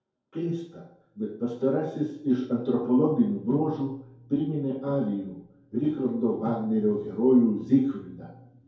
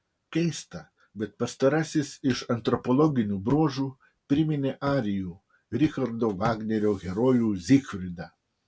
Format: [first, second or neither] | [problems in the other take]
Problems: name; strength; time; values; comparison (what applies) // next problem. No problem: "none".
second | room echo; dies away in 2.2 s